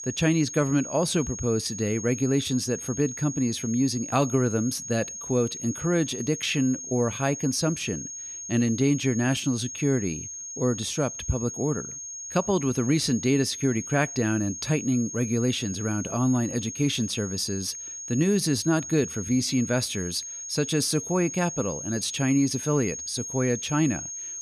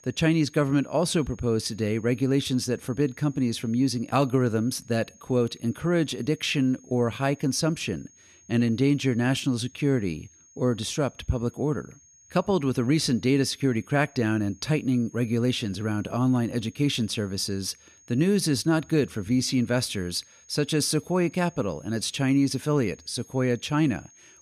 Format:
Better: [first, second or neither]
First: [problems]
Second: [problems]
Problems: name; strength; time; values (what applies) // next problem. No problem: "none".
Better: second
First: high-pitched whine; loud; throughout; 6.5 kHz, 8 dB below the speech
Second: high-pitched whine; faint; throughout; 6.5 kHz, 25 dB below the speech